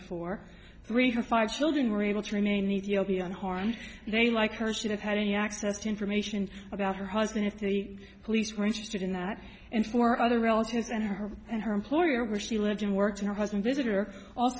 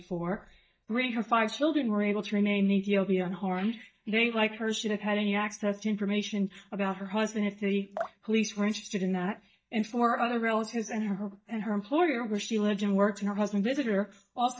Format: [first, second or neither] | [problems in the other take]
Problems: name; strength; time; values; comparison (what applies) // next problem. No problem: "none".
first | noise reduction (neural mask model DeepFilterNet 3)